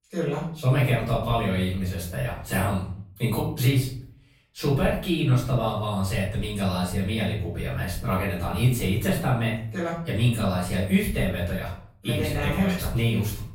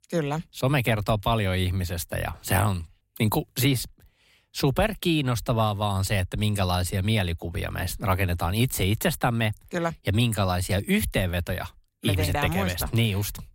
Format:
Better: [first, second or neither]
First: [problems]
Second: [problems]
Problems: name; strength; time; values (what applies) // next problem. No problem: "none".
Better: second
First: off-mic speech; far // room echo; noticeable; dies away in 0.5 s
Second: none